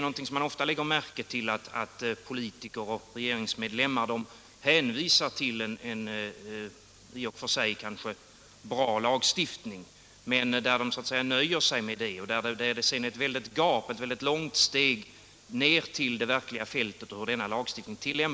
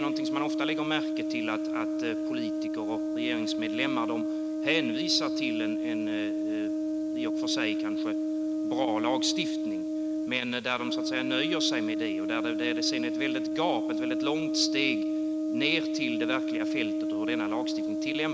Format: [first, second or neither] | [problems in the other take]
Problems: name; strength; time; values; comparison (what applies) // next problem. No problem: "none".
first | background sound (Brass instrument); 4 dB above the speech